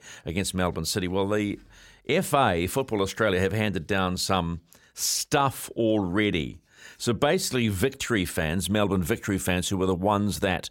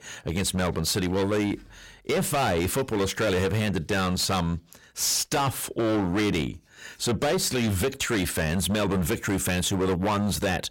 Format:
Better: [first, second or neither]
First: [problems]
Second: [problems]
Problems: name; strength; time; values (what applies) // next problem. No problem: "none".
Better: first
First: none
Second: distortion; heavy; 21% of the sound clipped